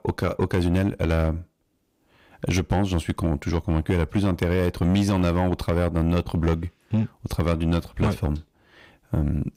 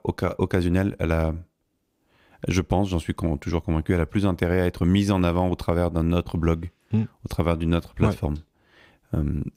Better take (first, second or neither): second